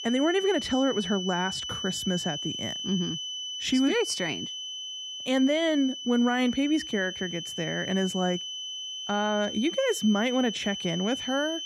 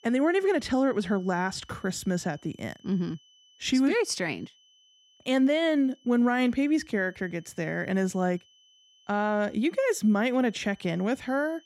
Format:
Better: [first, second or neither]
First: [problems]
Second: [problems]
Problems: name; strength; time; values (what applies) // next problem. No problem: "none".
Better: second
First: high-pitched whine; loud; throughout; 3 kHz, 6 dB below the speech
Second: high-pitched whine; faint; throughout; 3 kHz, 30 dB below the speech